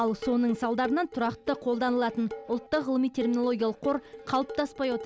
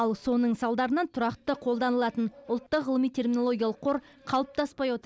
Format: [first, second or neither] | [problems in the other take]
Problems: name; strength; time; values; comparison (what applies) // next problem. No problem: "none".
second | background sound (Dishes, pots, and pans); 13 dB below the speech